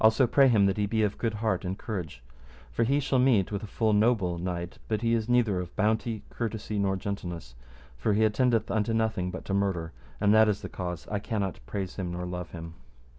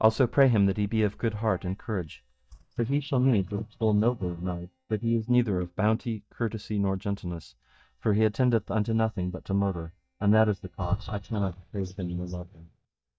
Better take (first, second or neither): first